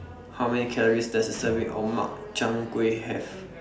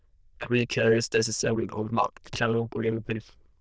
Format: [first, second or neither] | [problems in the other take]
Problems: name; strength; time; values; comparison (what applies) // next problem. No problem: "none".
first | noise reduction (neural diffusion model UNIVERSE++)